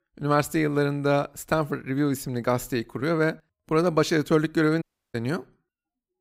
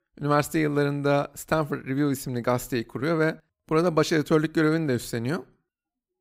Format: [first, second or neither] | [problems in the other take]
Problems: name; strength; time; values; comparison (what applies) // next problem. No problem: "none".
second | audio cutting out; at 5 s